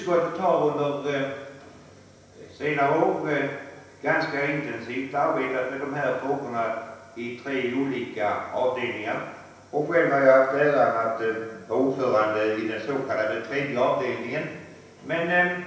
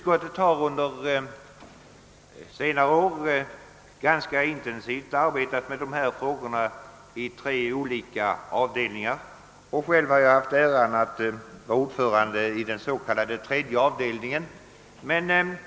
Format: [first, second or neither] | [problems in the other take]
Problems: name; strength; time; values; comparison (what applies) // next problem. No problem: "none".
second | room echo; dies away in 0.9 s